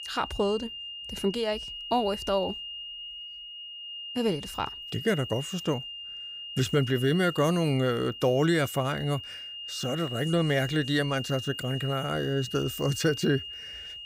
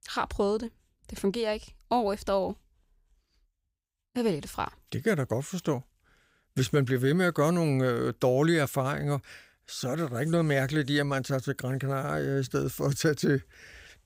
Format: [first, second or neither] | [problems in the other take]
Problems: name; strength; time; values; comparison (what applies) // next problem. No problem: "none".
second | high-pitched whine; loud; throughout; 3 kHz, 9 dB below the speech